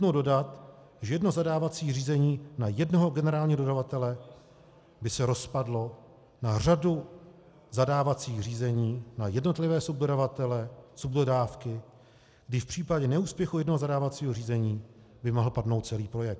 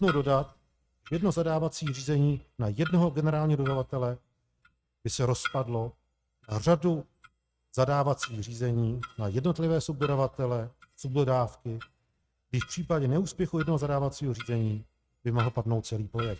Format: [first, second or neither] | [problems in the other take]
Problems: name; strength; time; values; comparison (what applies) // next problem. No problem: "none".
first | noise reduction (neural mask model RNNoise)